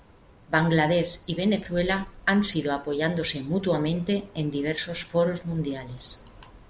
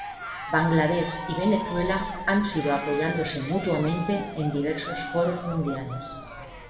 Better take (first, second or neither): first